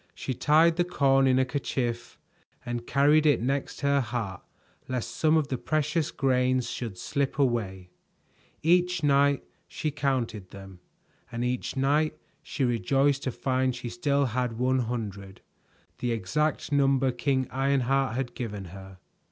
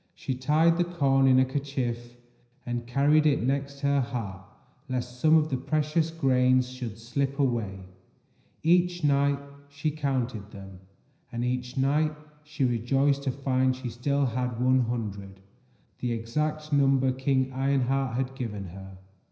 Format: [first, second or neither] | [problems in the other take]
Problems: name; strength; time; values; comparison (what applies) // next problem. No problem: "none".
first | room echo; dies away in 0.9 s